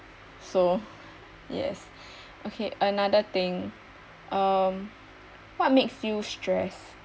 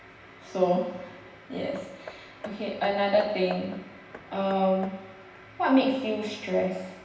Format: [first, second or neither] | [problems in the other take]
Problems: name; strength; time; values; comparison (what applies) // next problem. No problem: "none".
first | background sound (Hammer); 19 dB below the speech // room echo; dies away in 0.9 s